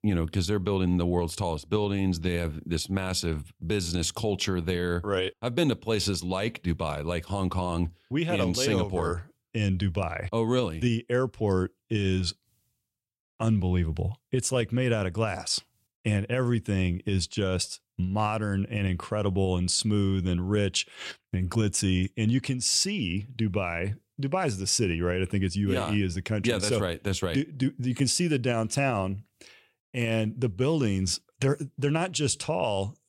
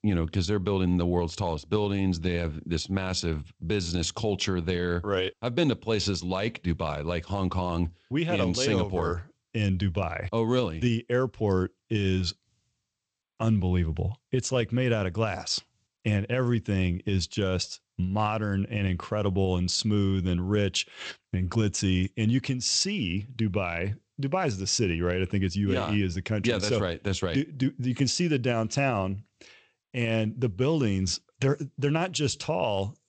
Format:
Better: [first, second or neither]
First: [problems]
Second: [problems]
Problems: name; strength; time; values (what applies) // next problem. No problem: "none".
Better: first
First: none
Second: garbled, watery; slightly; nothing above 8 kHz